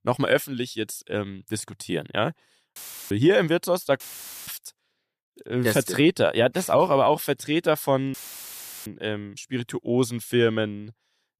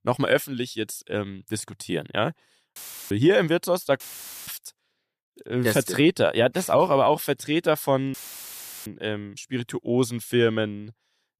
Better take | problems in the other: neither | audio cutting out; filled with static; at 3 s, at 4 s and at 8 s for 0.5 s; the same in both

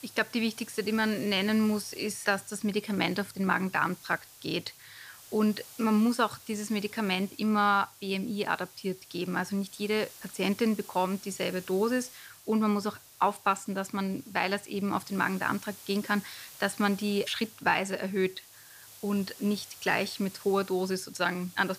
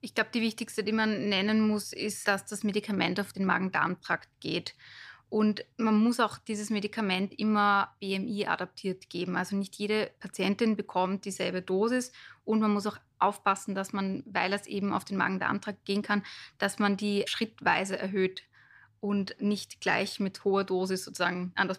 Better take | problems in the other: second | hiss; noticeable; throughout; 20 dB below the speech

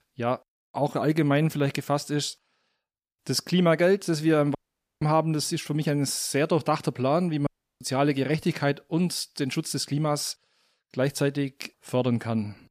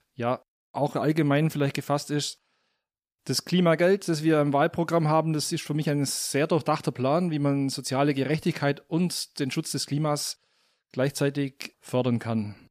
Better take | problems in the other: second | audio cutting out; at 4.5 s and at 7.5 s

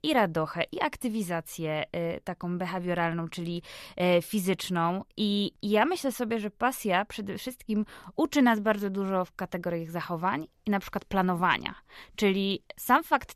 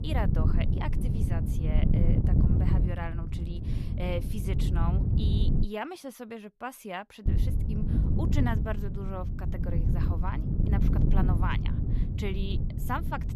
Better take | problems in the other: first | wind noise on the microphone; heavy; until 5.5 s and from 7.5 s on; 2 dB below the speech

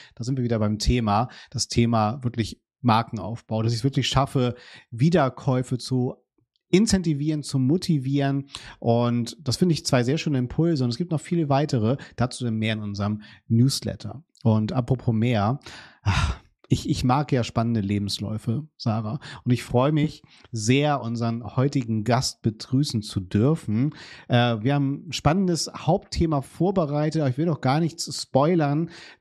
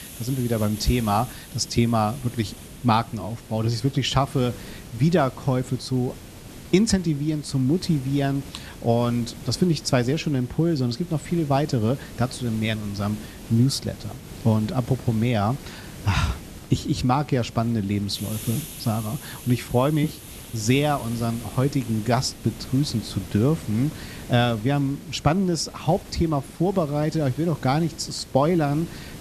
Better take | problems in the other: first | hiss; noticeable; throughout; 15 dB below the speech

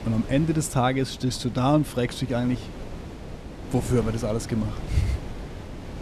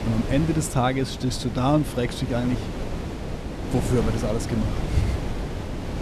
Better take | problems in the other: first | wind noise on the microphone; heavy; 7 dB below the speech; occasional gusts in the first

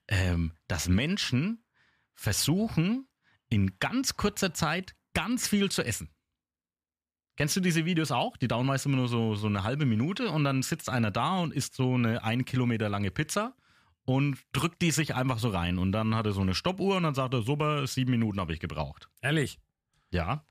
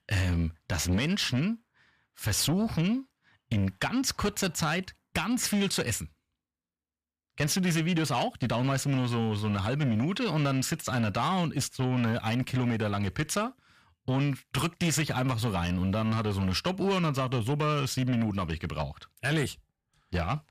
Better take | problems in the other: first | distortion; slight; 10 dB below the speech

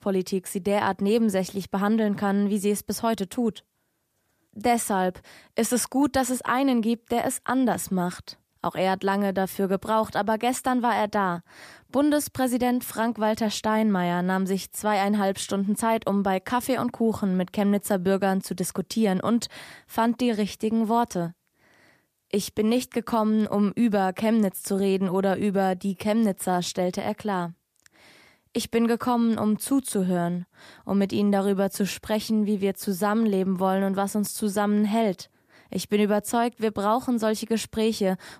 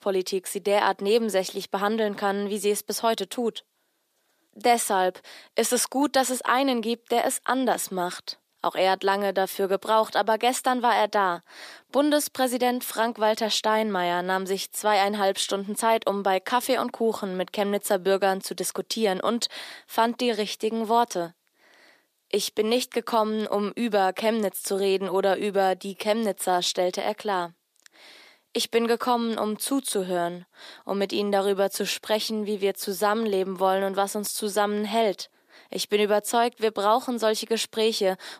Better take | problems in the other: first | thin; somewhat; fading below 400 Hz

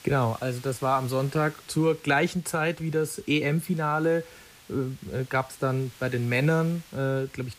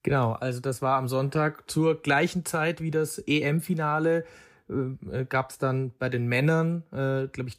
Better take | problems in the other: second | hiss; faint; throughout; 20 dB below the speech

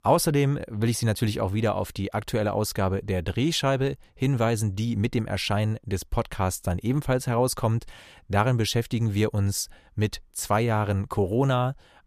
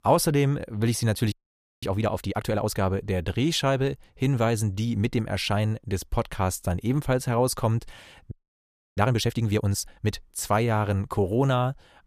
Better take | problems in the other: first | audio freezing; at 1.5 s for 0.5 s and at 8.5 s for 0.5 s

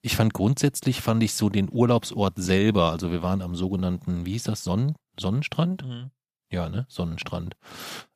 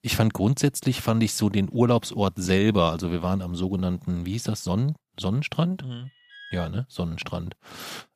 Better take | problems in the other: first | alarm; faint; at 6 s; peak 15 dB below the speech

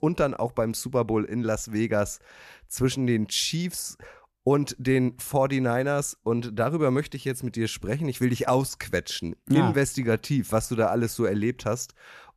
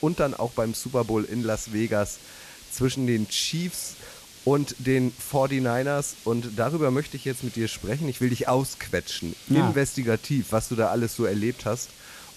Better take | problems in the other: first | hiss; noticeable; throughout; 15 dB below the speech

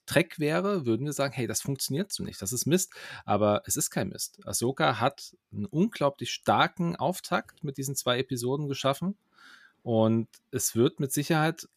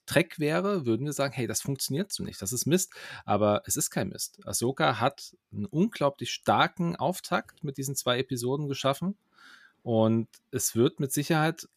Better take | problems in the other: neither | none

